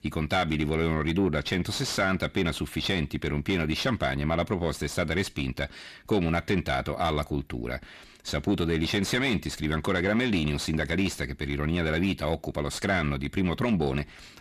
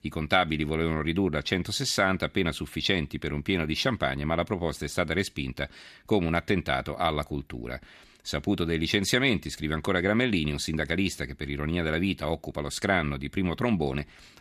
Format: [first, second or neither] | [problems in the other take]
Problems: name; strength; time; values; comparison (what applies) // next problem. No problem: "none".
second | distortion; slight; 10 dB below the speech